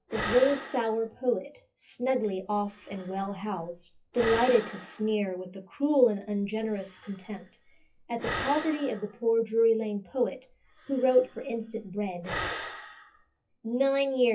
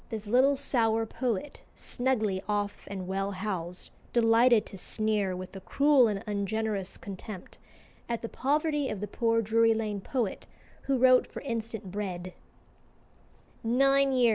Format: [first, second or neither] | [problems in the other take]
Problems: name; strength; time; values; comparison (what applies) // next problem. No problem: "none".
second | noise reduction (classical method WPE with log-MMSE)